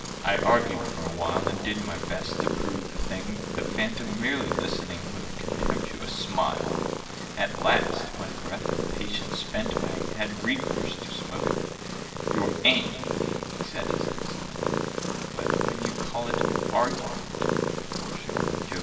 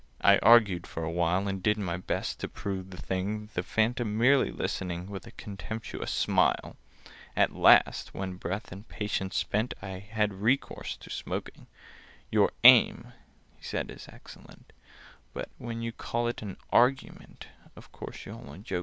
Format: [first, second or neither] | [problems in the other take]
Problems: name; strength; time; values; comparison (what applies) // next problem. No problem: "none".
second | background sound (Purr); as loud as the speech // room echo; dies away in 2.3 s